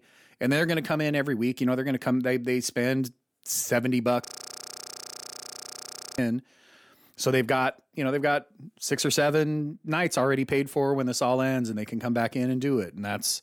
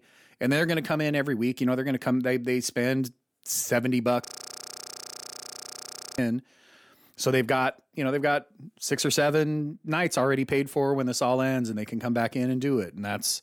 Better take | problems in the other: neither | audio freezing; at 4.5 s for 2 s; the same in both

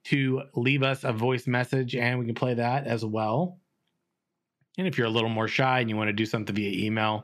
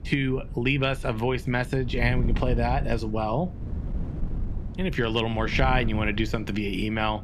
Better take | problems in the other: first | wind noise on the microphone; occasional gusts; 20 dB below the speech

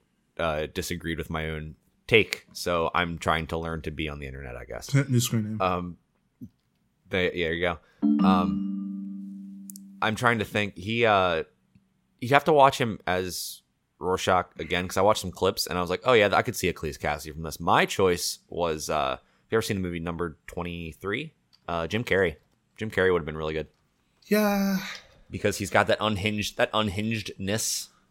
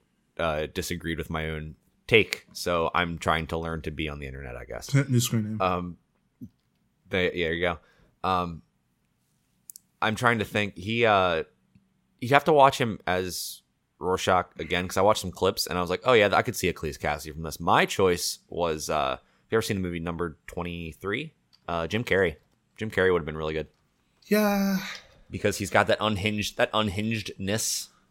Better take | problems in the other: second | phone ringing; loud; from 8 to 9.5 s; peak 4 dB above the speech

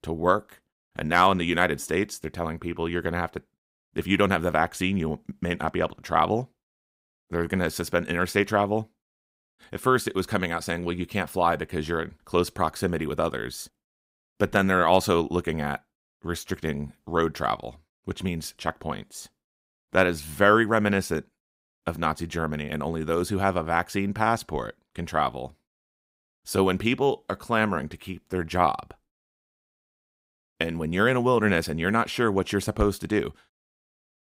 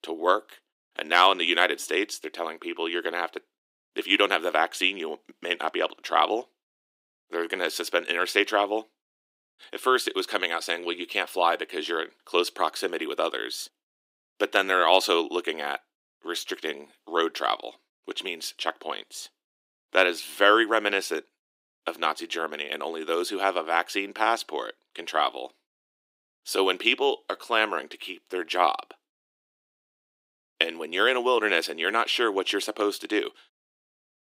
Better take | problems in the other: first | thin; somewhat; fading below 300 Hz

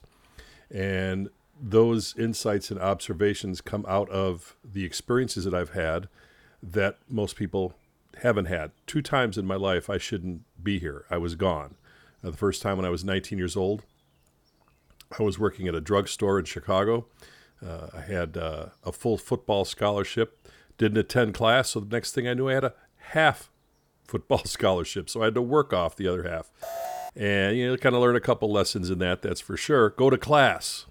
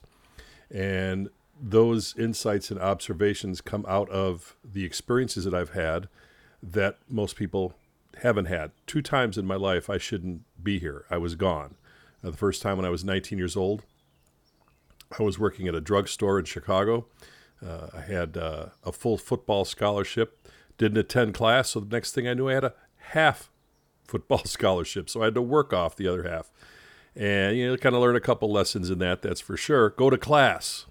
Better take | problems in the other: second | alarm; noticeable; at 27 s; peak 8 dB below the speech

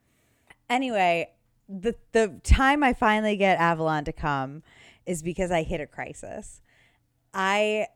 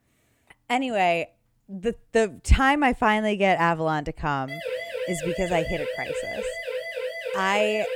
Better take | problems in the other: first | siren; noticeable; from 4.5 s on; peak 6 dB below the speech

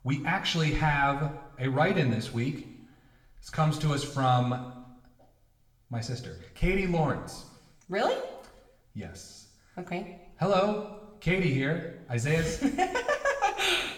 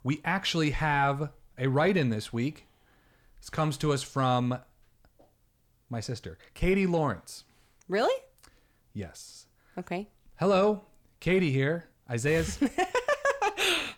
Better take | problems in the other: second | room echo; slight; dies away in 0.9 s // off-mic speech; somewhat distant

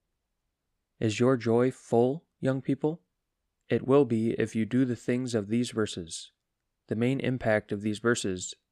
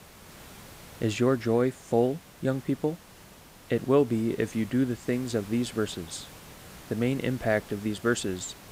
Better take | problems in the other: first | hiss; noticeable; throughout; 20 dB below the speech

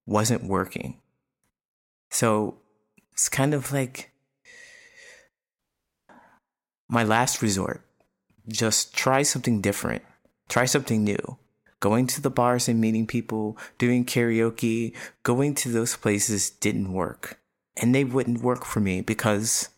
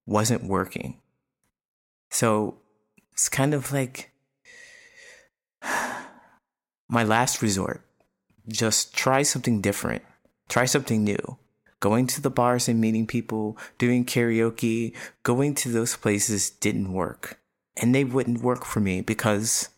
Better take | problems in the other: second | audio cutting out; at 5.5 s for 0.5 s

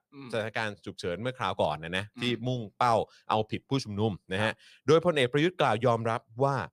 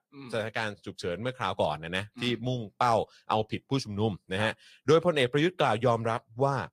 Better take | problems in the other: first | garbled, watery; slightly; nothing above 15 kHz

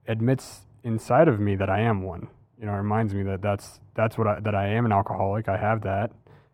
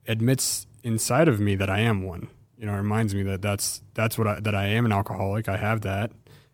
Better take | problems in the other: second | muffled; very; fading above 3 kHz

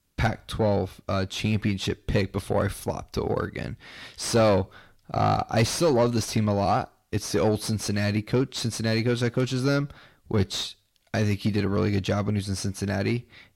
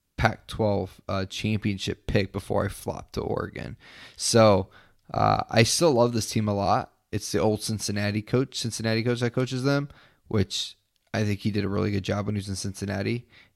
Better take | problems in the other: second | distortion; slight; 10 dB below the speech

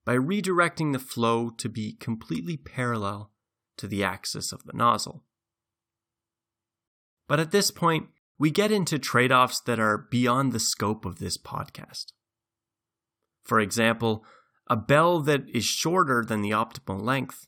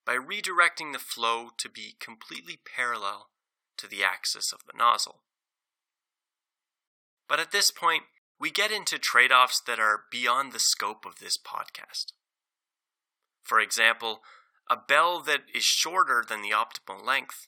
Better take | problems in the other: first | thin; very; fading below 850 Hz

